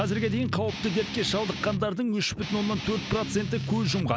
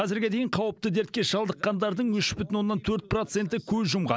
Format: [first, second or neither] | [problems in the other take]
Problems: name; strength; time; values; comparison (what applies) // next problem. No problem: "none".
second | background sound (Guitar); 6 dB below the speech